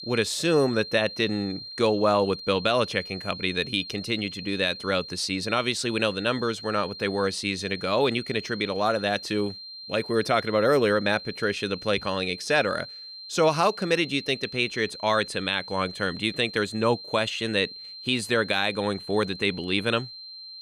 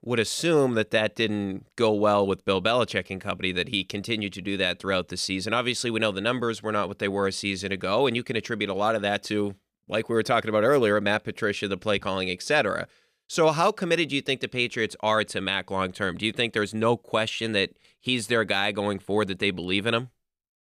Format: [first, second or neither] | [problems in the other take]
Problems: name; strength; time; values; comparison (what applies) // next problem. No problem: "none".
second | high-pitched whine; noticeable; throughout; 4 kHz, 10 dB below the speech